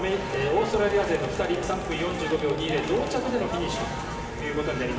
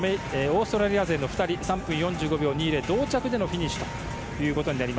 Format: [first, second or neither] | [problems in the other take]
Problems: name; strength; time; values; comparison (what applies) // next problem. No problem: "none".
second | background sound (Crowd); 10 dB below the speech // room echo; dies away in 2.7 s